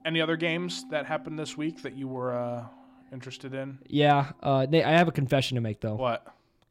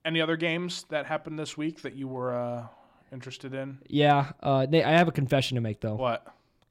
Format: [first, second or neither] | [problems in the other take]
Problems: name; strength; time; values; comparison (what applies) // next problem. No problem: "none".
second | background music; faint; throughout; 20 dB below the speech